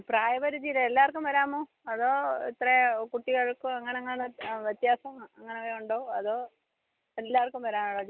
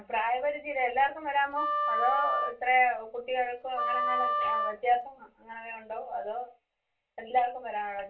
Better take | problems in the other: first | background sound (Wind instrument, woodwind instrument); 1 dB below the speech // room echo; dies away in 0.2 s

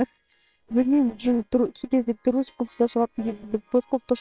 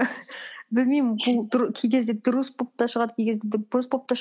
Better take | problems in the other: second | noise reduction (neural separator model SepFormer WHAMR!)

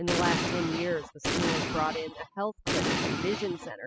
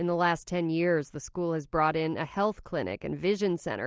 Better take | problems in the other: second | noise reduction (classical method spectral subtraction)

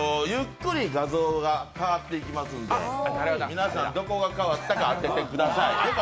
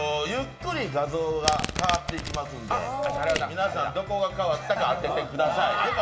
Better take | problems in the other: first | background sound (Domestic sounds, home sounds); 6 dB below the speech // room echo; dies away in 2.7 s

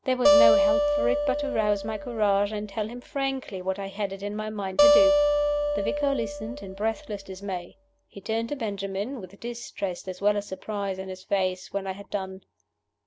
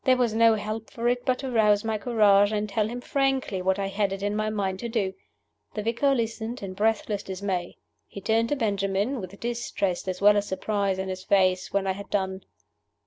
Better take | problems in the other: second | background sound (Acoustic guitar); 4 dB above the speech

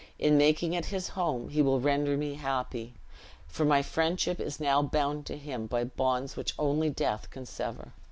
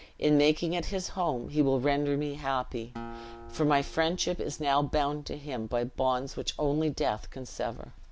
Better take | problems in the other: first | background sound (Acoustic guitar); 18 dB below the speech

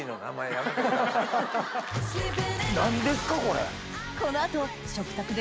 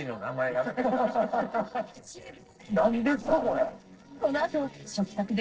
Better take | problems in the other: first | noise reduction (neural separator model SepFormer DNS4)

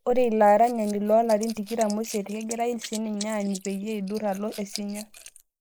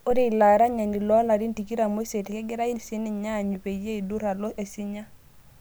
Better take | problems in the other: second | noise reduction (neural mask model Resemble Enhance denoiser)

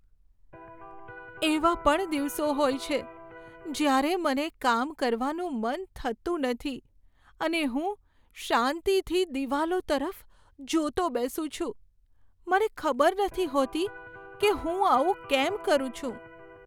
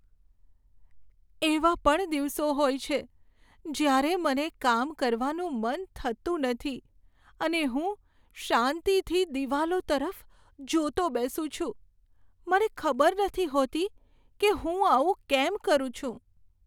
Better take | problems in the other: second | background sound (Electric guitar); 16 dB below the speech

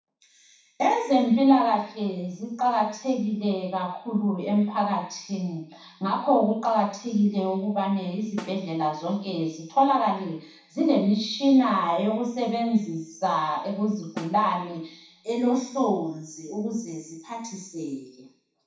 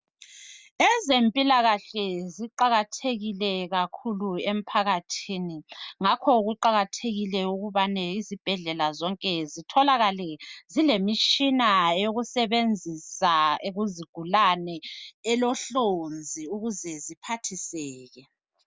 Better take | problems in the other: second | background sound (Snare drum); 19 dB below the speech // room echo; dies away in 0.7 s

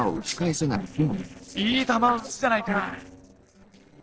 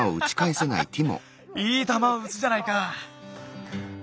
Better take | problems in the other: second | noise reduction (neural separator model SepFormer DNS4)

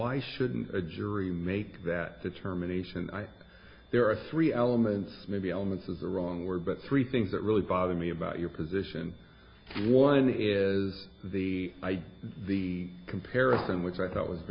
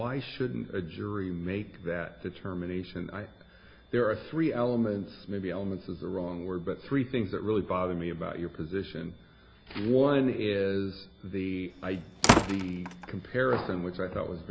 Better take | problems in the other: first | background sound (Slam); 2 dB above the speech

